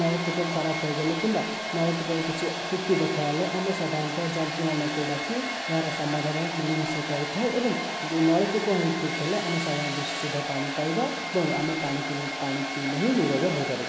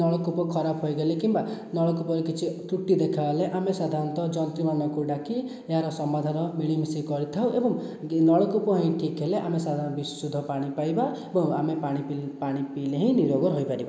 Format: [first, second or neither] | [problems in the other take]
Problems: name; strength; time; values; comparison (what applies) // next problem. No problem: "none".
second | background sound (Domestic sounds, home sounds); 4 dB below the speech